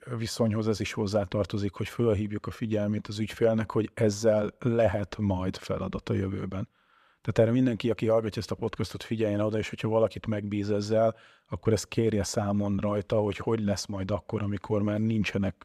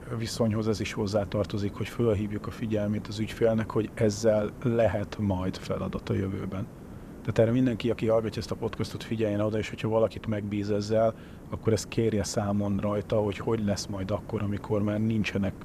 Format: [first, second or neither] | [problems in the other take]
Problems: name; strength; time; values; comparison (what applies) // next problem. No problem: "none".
first | hiss; noticeable; throughout; 15 dB below the speech